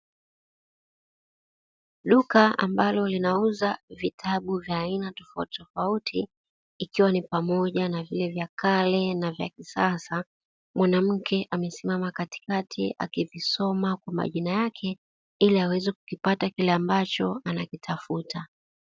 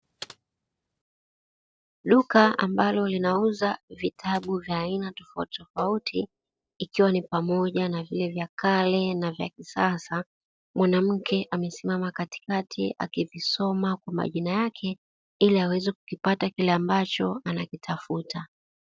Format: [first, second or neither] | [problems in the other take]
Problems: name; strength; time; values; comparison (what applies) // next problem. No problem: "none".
first | noise reduction (neural separator model SepFormer DNS4)